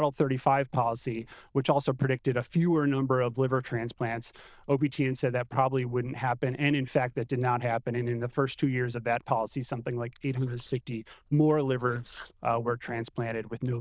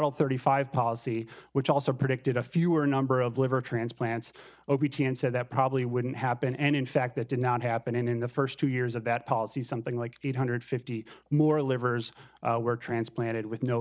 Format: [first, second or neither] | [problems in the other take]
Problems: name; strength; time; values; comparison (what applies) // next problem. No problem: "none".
second | noise reduction (neural diffusion model UNIVERSE++)